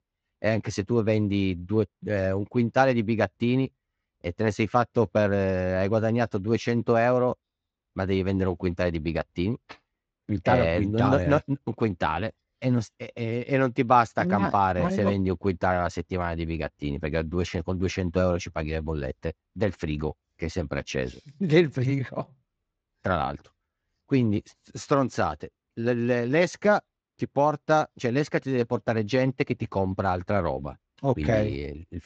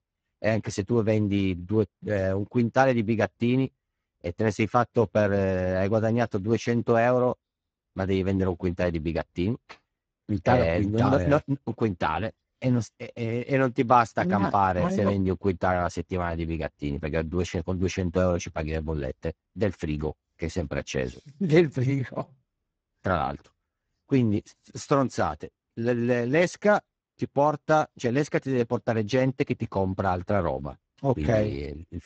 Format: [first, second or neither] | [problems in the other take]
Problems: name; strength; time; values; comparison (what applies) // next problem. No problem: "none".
first | garbled, watery; badly; nothing above 7.5 kHz; slightly in the first